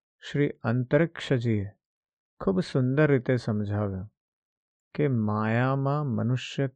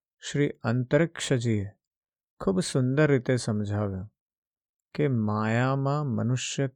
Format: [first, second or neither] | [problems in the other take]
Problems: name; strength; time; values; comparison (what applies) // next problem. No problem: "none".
second | muffled; slightly; fading above 3 kHz